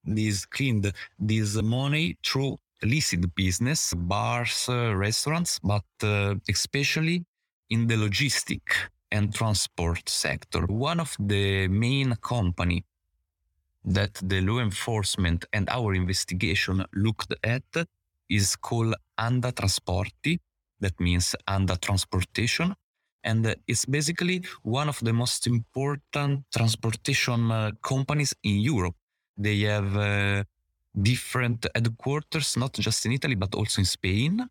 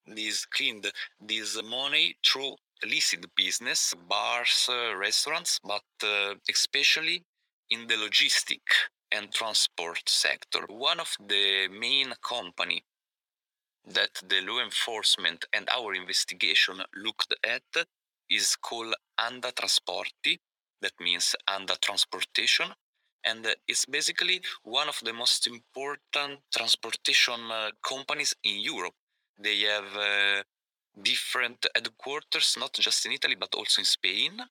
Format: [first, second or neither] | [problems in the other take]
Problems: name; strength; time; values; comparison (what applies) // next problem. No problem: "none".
first | thin; very; fading below 450 Hz